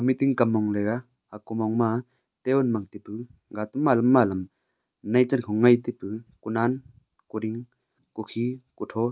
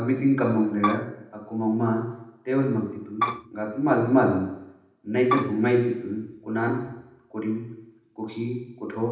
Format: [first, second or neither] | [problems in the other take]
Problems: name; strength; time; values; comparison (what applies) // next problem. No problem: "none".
first | background sound (Bowed string instrument); 3 dB below the speech // room echo; dies away in 0.9 s